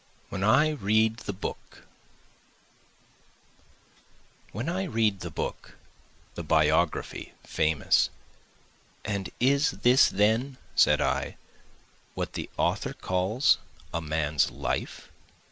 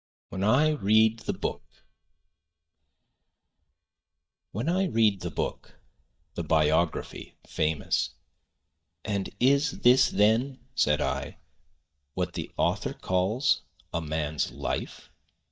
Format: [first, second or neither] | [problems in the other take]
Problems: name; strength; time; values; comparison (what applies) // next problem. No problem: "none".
first | noise reduction (neural mask model DeepFilterNet 3)